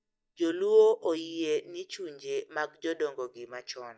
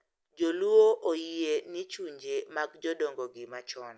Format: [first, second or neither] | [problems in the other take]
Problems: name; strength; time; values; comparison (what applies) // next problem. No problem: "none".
second | noise reduction (neural mask model DeepFilterNet 3)